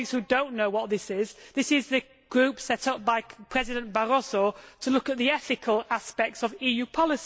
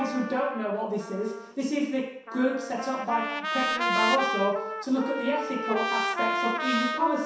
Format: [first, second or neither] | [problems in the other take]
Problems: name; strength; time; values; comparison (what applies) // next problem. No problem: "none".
first | background sound (Trumpet); 2 dB below the speech // room echo; dies away in 0.7 s